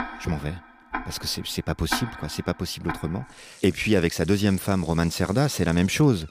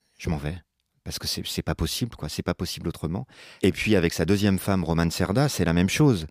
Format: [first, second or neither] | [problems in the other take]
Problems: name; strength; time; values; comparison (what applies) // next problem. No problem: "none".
second | household noises; noticeable; throughout; 15 dB below the speech